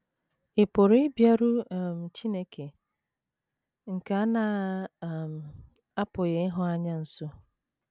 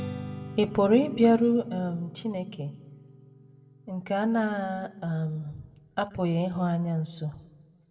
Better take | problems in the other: first | background sound (Strum); 17 dB below the speech // room echo; dies away in 0.9 s

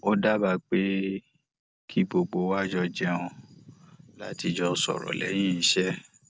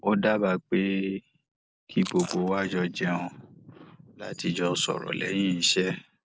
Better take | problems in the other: first | noise reduction (neural mask model Resemble Enhance denoiser)

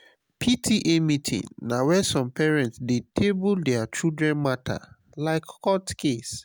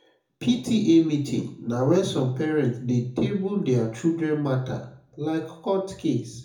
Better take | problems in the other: first | room echo; dies away in 0.6 s

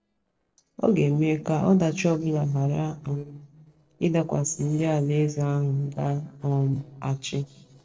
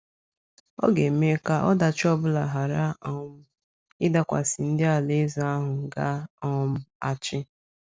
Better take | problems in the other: second | noise reduction (neural separator model SepFormer DNS4)

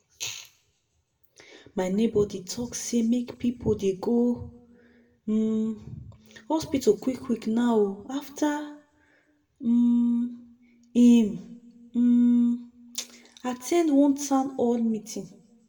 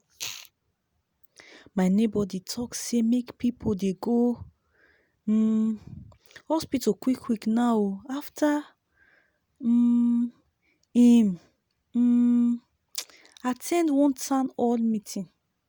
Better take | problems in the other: second | room echo; dies away in 0.6 s

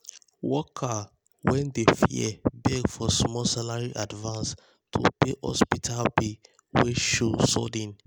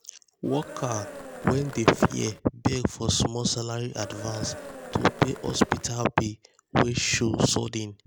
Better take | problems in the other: first | background sound (Cheering); 14 dB below the speech

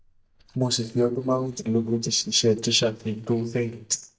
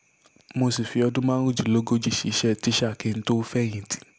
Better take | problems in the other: second | noise reduction (neural mask model DeepFilterNet 3)

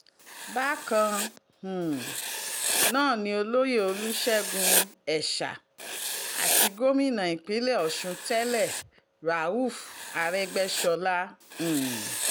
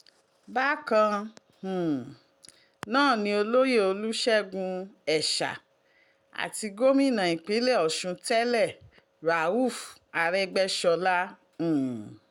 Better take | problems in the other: second | background sound (Writing); 4 dB below the speech

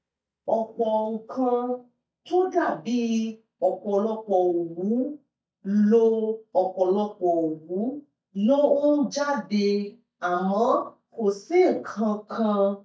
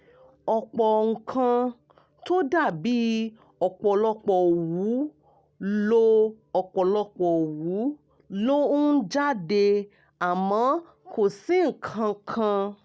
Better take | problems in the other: second | noise reduction (neural mask model DeepFilterNet 3)

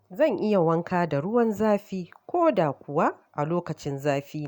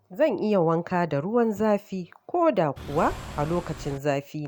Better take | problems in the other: first | background sound (Engine / Car); 12 dB below the speech

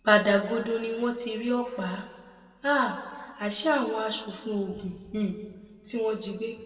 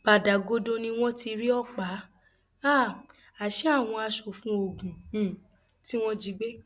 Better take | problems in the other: second | room echo; dies away in 1.5 s

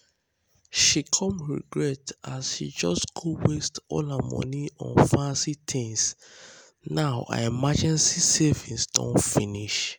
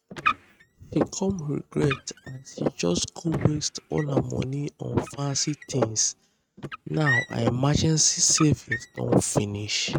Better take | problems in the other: first | noise reduction (neural mask model RNNoise)

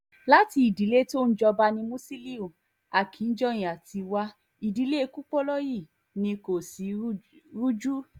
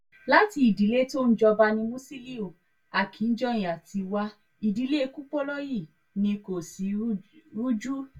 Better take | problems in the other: first | room echo; dies away in 0.1 s

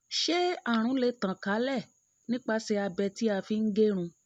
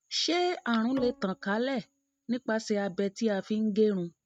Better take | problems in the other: first | noise reduction (neural mask model RNNoise)

